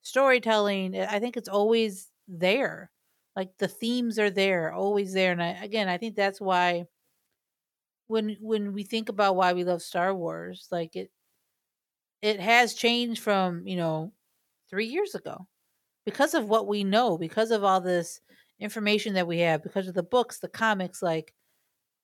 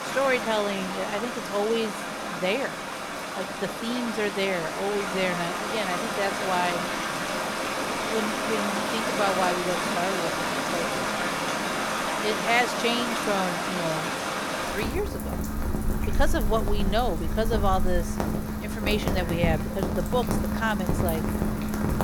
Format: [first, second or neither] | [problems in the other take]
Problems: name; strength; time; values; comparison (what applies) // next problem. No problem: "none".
first | rain or running water; very loud; throughout; as loud as the speech